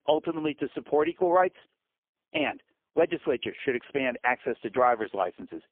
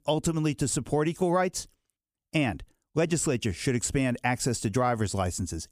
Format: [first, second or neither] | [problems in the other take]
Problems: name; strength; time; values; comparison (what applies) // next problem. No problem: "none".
second | phone-call audio; poor line; nothing above 3 kHz